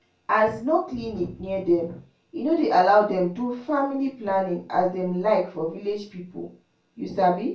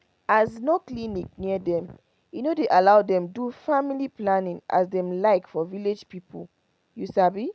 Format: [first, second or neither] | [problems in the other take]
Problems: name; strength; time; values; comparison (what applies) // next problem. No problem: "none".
second | room echo; dies away in 0.3 s